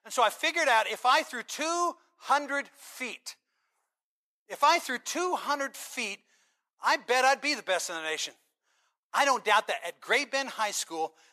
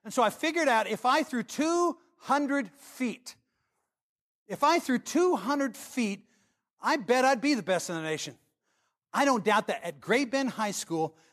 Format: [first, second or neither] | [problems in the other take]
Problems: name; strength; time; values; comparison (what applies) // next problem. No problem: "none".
second | thin; somewhat; fading below 650 Hz